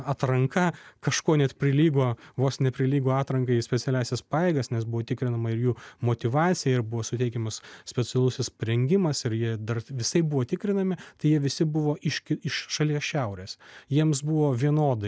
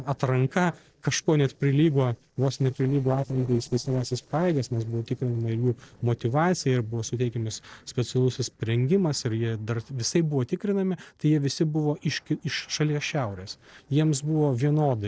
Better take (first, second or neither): first